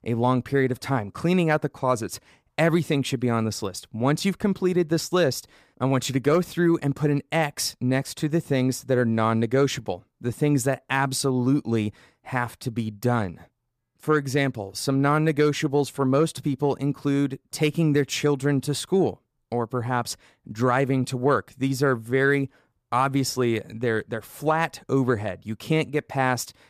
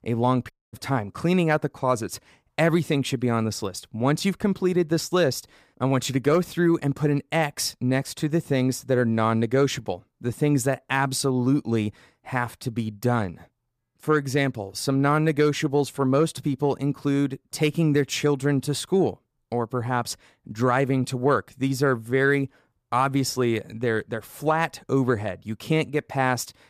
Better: first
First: none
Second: audio cutting out; at 0.5 s

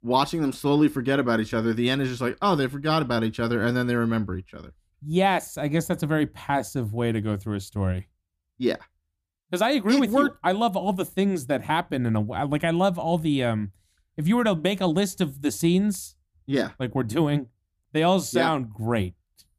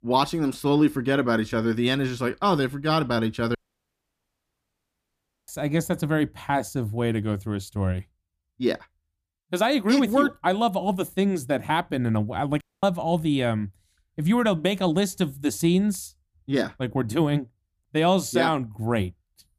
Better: first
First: none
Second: audio cutting out; at 3.5 s for 2 s and at 13 s

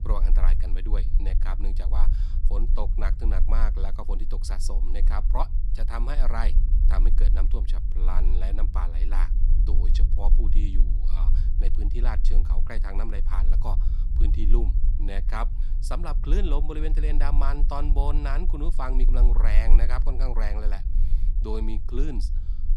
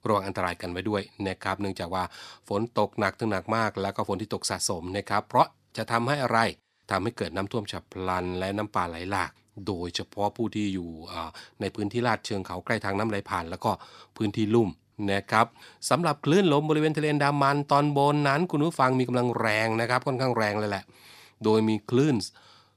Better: second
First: low rumble; noticeable; throughout; 10 dB below the speech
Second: none

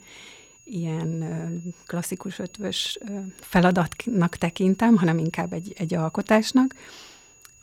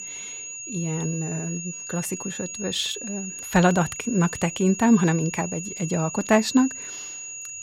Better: first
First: high-pitched whine; faint; throughout; 7 kHz, 25 dB below the speech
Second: high-pitched whine; loud; throughout; 7 kHz, 9 dB below the speech

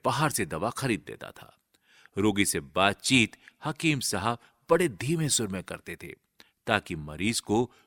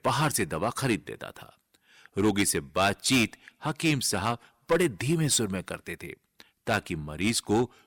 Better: first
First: none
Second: distortion; slight; 3% of the sound clipped

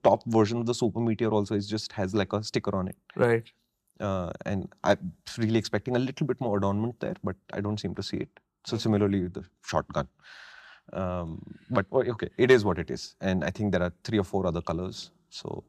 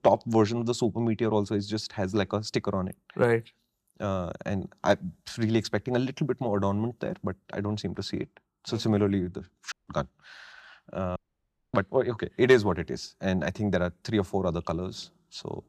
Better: first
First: none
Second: audio cutting out; at 9.5 s and at 11 s for 0.5 s

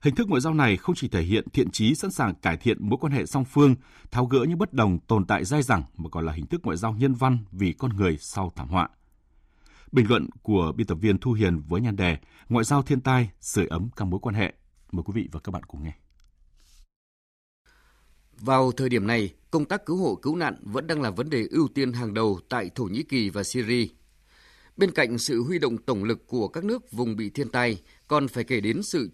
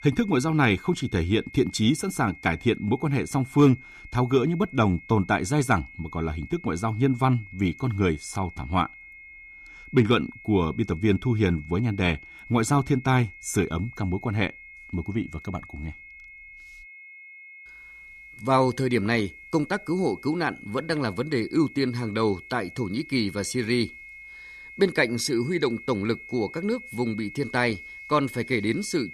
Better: first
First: none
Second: high-pitched whine; noticeable; throughout; 2 kHz, 15 dB below the speech

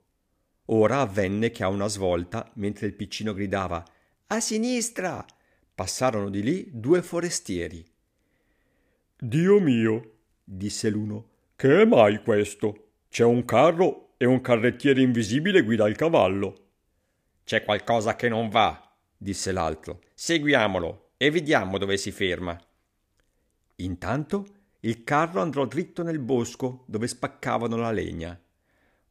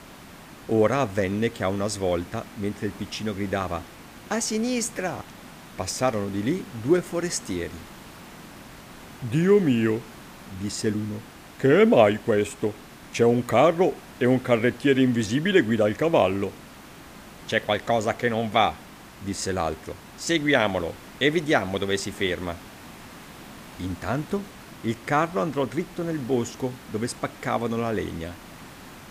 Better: first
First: none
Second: hiss; noticeable; throughout; 20 dB below the speech

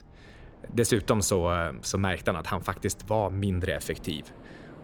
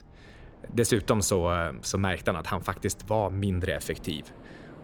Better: neither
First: train or aircraft noise; faint; throughout; 20 dB below the speech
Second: train or aircraft noise; faint; throughout; 20 dB below the speech

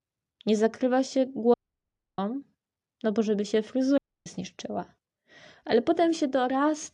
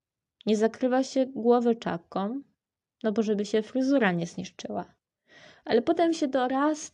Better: second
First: audio cutting out; at 1.5 s for 0.5 s and at 4 s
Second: none

